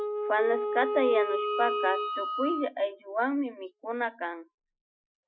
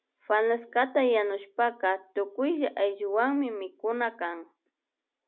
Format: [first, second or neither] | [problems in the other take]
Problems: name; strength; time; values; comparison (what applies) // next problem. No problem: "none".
second | noise reduction (classical method Wiener filter)